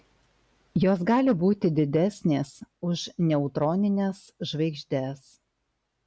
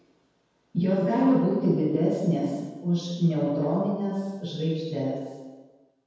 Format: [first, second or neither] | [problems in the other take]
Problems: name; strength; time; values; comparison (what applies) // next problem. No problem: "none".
first | room echo; dies away in 1.2 s